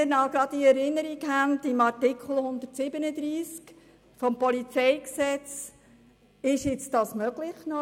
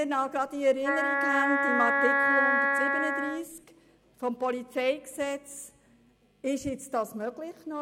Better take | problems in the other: first | background sound (Wind instrument, woodwind instrument); 5 dB above the speech

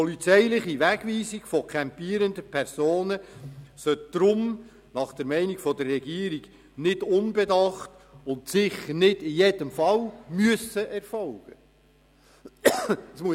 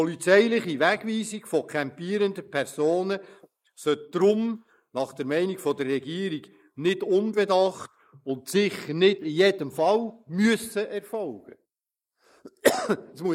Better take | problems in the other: first | noise reduction (neural mask model Resemble Enhance denoiser)

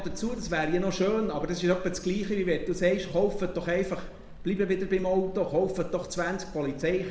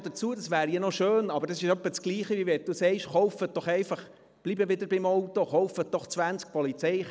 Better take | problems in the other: second | background sound (Rain); 11 dB below the speech // room echo; dies away in 0.7 s

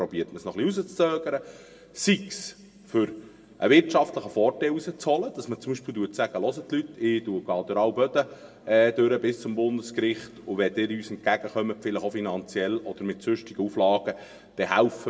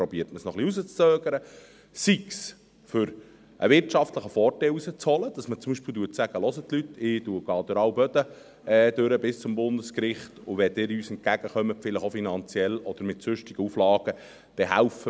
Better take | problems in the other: second | room echo; dies away in 1 s

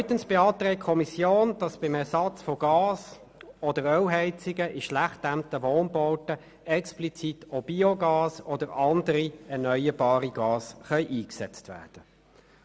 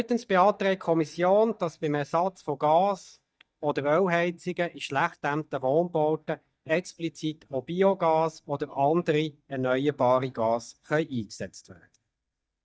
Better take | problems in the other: first | noise reduction (neural mask model DeepFilterNet 3)

